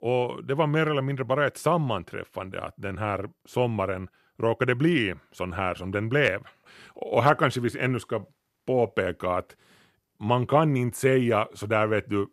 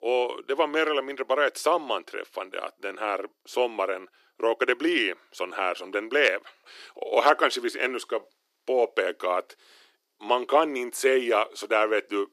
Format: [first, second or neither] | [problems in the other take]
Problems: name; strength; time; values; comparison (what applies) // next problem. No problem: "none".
first | thin; very; fading below 300 Hz